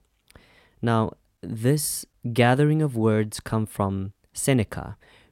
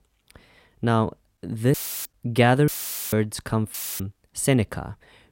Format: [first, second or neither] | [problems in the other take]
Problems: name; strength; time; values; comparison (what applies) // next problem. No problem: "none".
first | audio cutting out; filled with static; at 1.5 s, at 2.5 s and at 3.5 s